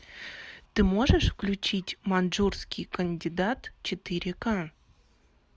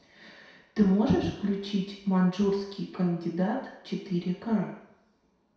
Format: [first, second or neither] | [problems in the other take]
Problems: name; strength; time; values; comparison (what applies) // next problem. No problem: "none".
first | room echo; dies away in 0.7 s